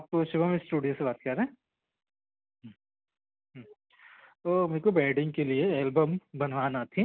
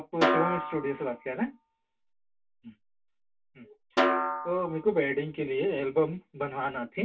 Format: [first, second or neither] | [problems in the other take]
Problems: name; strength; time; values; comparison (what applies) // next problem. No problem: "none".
first | background sound (Snare drum); as loud as the speech // room echo; dies away in 0.1 s